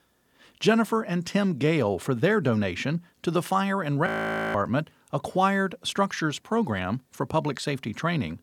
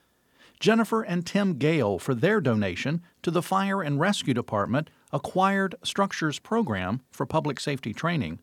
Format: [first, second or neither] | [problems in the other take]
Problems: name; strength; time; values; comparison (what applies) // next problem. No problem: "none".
second | audio freezing; at 4 s